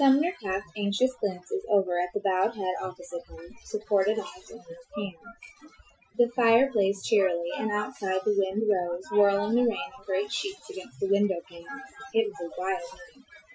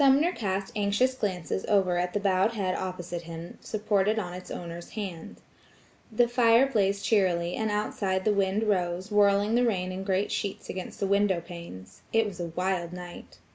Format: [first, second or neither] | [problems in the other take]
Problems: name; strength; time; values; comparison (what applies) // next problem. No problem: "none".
second | noise reduction (classical method Wiener filter)